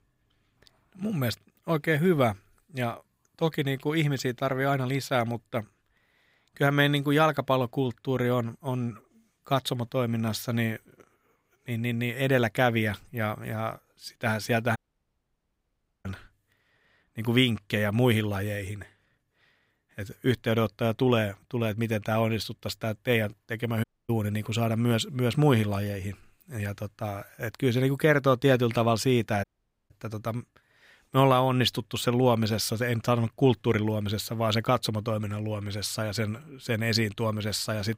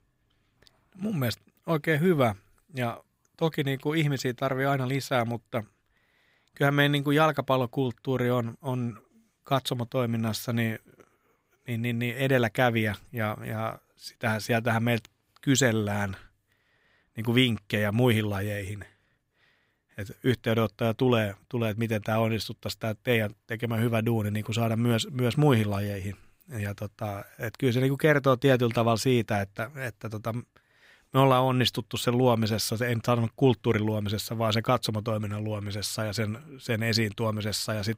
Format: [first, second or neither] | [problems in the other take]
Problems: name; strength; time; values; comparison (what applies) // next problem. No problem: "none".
second | audio cutting out; at 15 s for 1.5 s, at 24 s and at 29 s